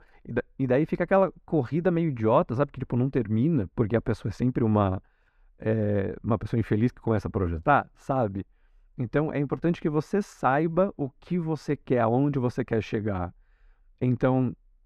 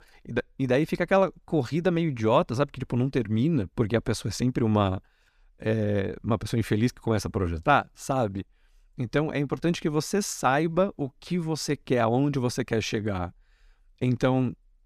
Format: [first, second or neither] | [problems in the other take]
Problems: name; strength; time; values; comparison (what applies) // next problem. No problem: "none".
second | muffled; very; fading above 3 kHz